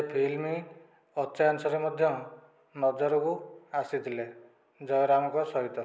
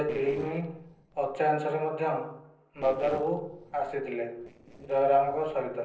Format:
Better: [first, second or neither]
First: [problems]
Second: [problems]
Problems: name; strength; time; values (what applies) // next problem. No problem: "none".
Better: first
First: none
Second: noise reduction (neural separator model SepFormer DNS4)